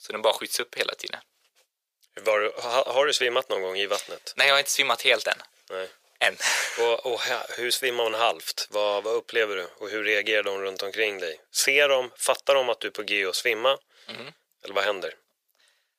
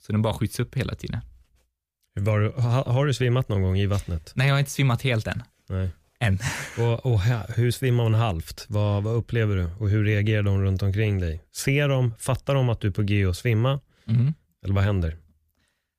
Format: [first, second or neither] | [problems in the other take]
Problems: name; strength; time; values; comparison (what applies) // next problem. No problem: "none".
second | thin; very; fading below 500 Hz